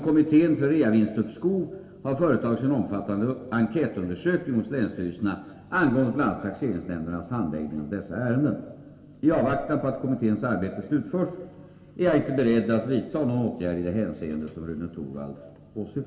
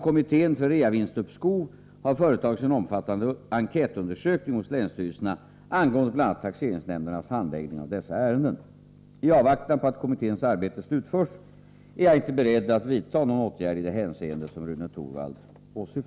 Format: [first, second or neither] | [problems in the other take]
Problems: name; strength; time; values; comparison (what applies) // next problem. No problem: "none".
second | room echo; dies away in 1.7 s